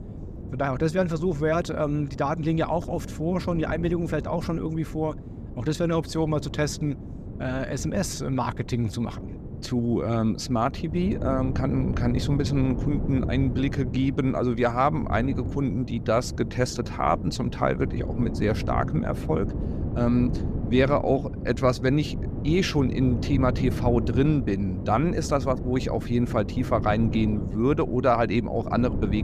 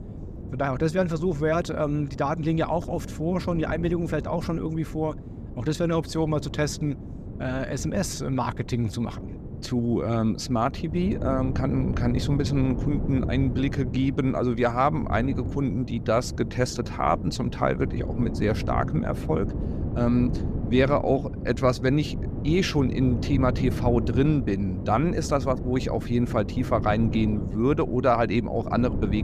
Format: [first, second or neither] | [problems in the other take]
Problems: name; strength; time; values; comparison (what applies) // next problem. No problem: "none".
neither | wind noise on the microphone; occasional gusts; 15 dB below the speech; the same in both